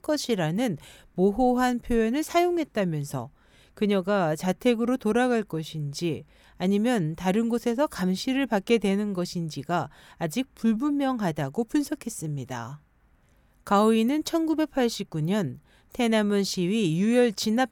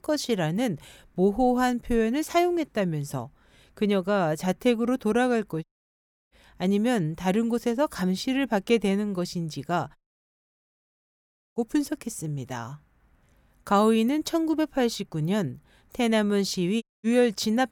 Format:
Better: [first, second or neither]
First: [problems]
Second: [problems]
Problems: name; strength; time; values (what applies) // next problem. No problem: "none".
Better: first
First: none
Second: audio cutting out; at 5.5 s for 0.5 s, at 10 s for 1.5 s and at 17 s